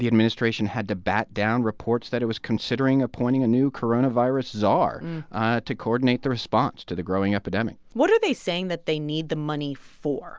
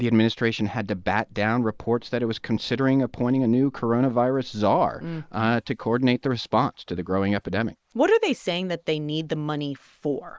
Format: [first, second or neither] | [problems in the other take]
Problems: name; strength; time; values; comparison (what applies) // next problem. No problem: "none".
first | noise reduction (neural mask model Resemble Enhance denoiser)